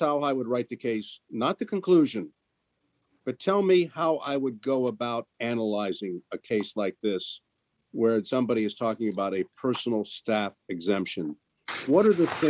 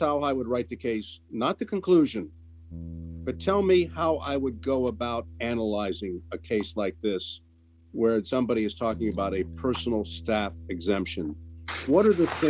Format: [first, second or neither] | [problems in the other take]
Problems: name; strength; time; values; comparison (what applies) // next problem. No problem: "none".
first | background sound (Bass guitar); 16 dB below the speech